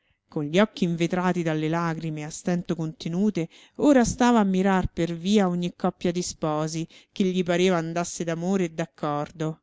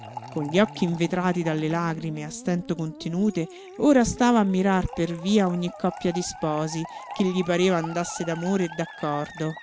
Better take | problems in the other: first | background sound (Fill (with liquid) / Trickle, dribble + Musical instrument); 16 dB below the speech

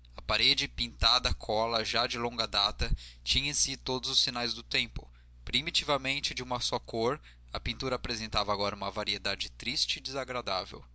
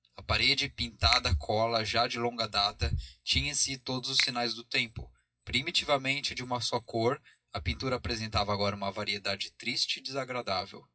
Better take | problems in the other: first | noise reduction (classical method WPE with log-MMSE)

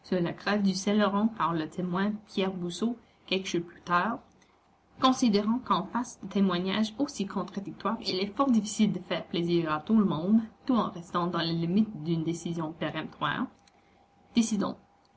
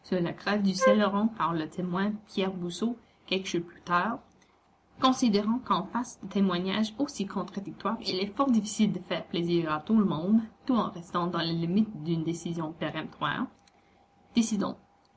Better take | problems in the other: first | background sound (Wind instrument, woodwind instrument); 2 dB above the speech

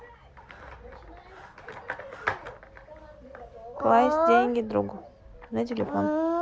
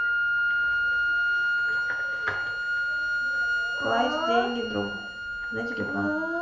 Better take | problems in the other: first | background sound (Wind instrument, woodwind instrument); 4 dB above the speech // room echo; dies away in 0.7 s

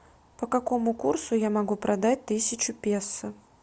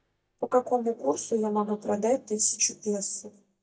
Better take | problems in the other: first | noise reduction (neural mask model DeepFilterNet 3)

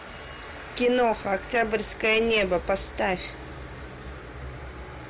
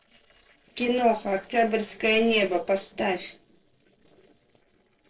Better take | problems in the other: first | noise reduction (neural separator model SepFormer DNS4)

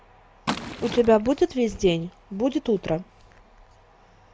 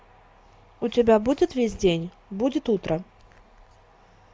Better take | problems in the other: second | background sound (Liquid); 12 dB below the speech

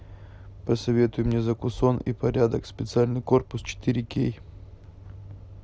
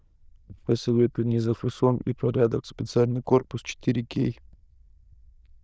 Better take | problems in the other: first | noise reduction (neural diffusion model UNIVERSE++)

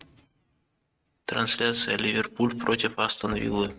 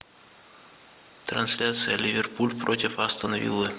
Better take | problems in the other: second | noise reduction (neural mask model RNNoise)

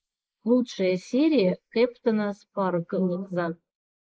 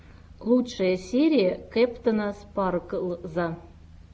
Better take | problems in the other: second | noise reduction (neural mask model Resemble Enhance denoiser)

